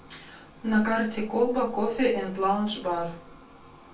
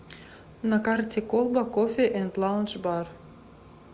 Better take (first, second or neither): second